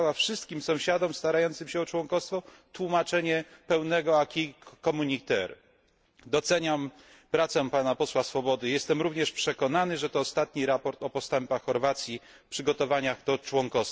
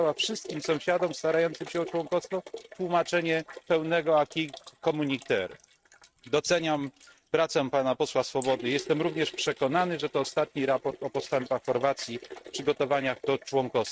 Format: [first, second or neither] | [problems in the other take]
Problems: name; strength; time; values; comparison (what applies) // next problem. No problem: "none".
first | noise reduction (neural mask model RNNoise)